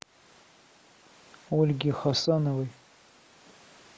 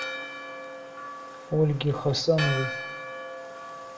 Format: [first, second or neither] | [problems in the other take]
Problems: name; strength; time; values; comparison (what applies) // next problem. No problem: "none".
first | background sound (Church bell); 7 dB below the speech // room echo; dies away in 0.4 s